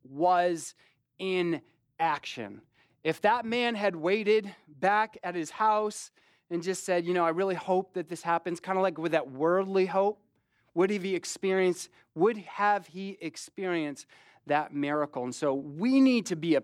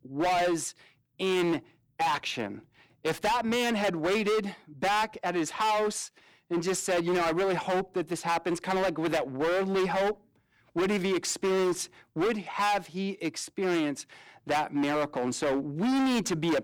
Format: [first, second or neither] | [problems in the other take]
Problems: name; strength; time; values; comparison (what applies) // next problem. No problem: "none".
first | distortion; heavy; 21% of the sound clipped